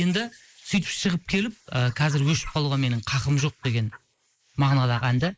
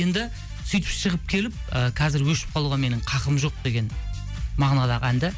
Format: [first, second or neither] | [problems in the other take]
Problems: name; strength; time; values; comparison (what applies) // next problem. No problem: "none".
second | noise reduction (neural mask model Resemble Enhance denoiser)